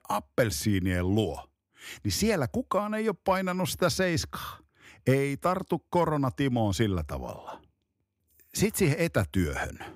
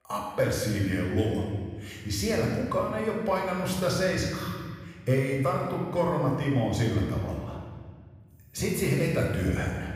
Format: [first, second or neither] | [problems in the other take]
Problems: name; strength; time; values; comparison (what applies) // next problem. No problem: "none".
first | room echo; noticeable; dies away in 1.6 s // off-mic speech; far